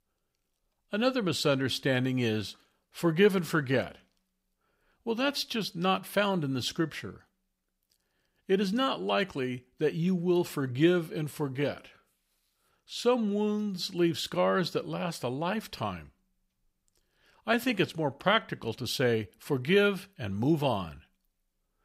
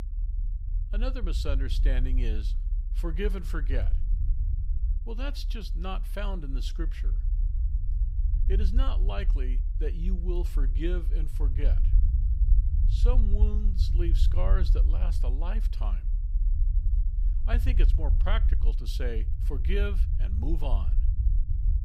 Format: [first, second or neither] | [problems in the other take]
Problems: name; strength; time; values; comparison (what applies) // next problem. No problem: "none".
first | low rumble; noticeable; throughout; 10 dB below the speech